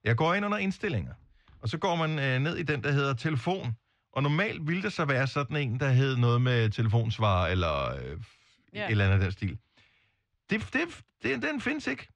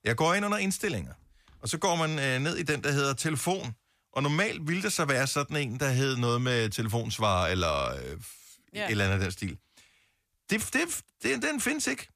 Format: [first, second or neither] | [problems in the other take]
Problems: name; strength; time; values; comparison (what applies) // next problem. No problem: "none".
second | muffled; slightly; fading above 3.5 kHz